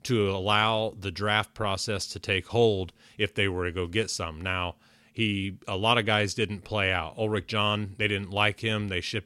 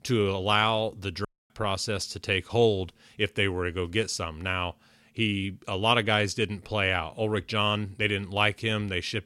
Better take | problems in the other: first | audio cutting out; at 1.5 s

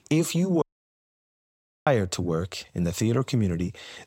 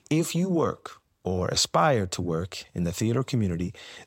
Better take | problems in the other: second | audio cutting out; at 0.5 s for 1.5 s

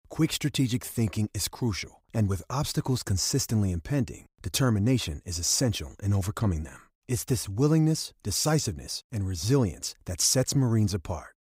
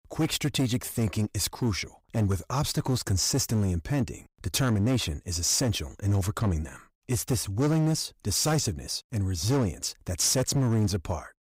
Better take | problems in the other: first | distortion; slight; 10% of the sound clipped

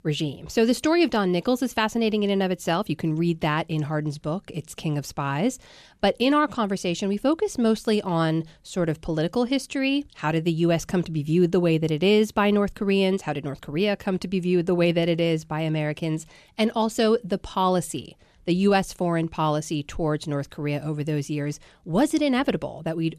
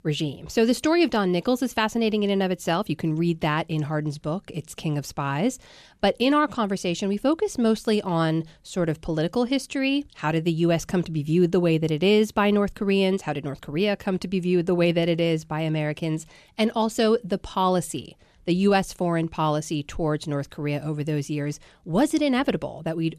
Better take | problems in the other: neither | none

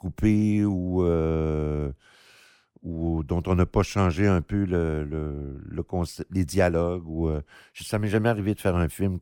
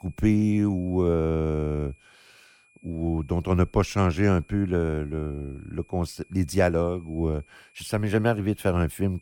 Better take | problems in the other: first | high-pitched whine; faint; throughout; 2.5 kHz, 30 dB below the speech

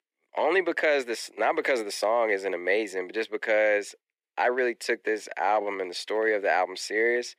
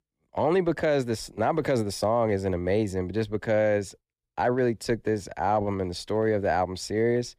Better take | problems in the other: second | thin; very; fading below 350 Hz

